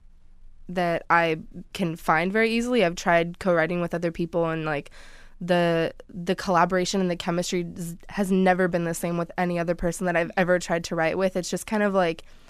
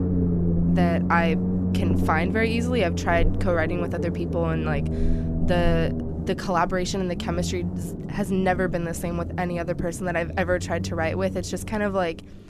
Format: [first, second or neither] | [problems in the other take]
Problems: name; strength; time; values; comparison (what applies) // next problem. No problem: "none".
first | low rumble; loud; throughout; 9 dB below the speech